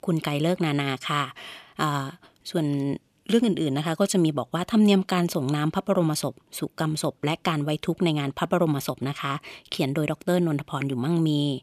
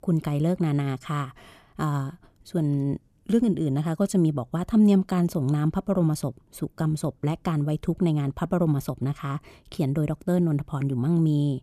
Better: second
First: thin; very slightly; fading below 800 Hz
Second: none

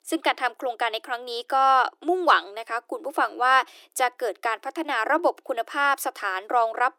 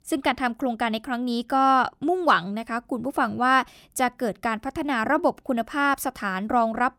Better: second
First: thin; very; fading below 300 Hz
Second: none

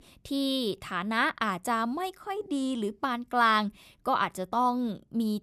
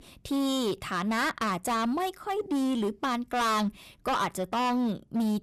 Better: first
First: none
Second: distortion; heavy; 18% of the sound clipped

